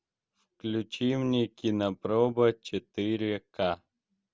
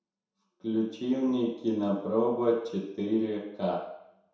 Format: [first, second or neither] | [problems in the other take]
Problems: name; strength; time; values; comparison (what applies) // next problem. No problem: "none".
first | room echo; dies away in 0.7 s